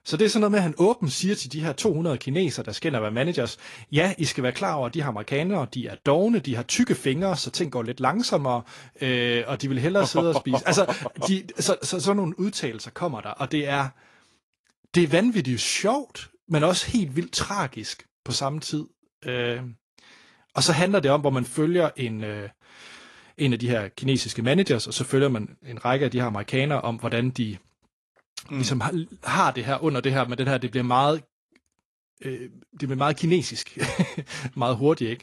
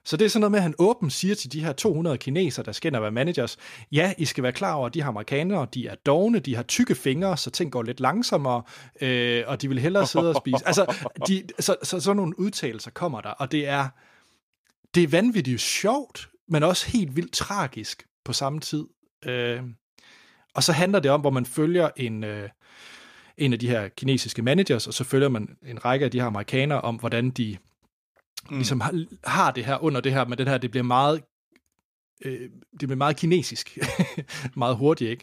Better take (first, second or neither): second